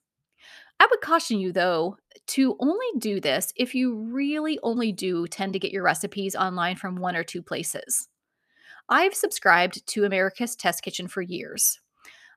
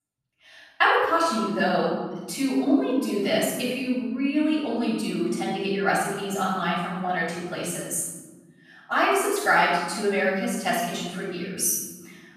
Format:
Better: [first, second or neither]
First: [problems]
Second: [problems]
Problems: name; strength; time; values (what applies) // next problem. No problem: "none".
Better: first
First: none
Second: room echo; strong; dies away in 1.4 s // off-mic speech; far